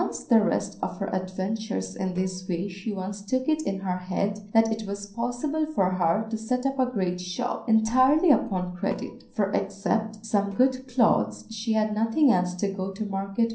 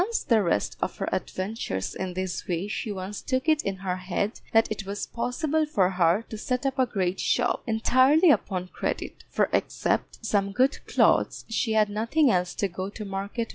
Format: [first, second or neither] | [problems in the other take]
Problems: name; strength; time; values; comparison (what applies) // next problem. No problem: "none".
second | noise reduction (neural separator model SepFormer DNS4)